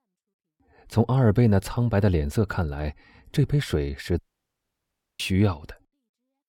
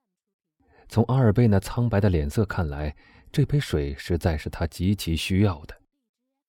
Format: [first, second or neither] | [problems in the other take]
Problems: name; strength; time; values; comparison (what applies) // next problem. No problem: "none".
second | audio cutting out; at 4 s for 1 s